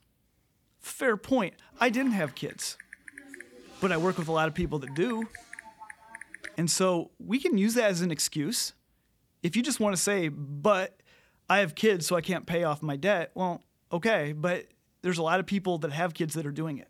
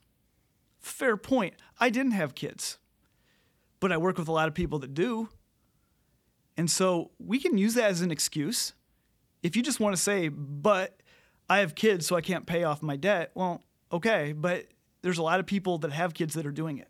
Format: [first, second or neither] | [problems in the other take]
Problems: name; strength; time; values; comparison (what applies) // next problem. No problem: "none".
second | keyboard typing; faint; from 1.5 to 6.5 s; peak 15 dB below the speech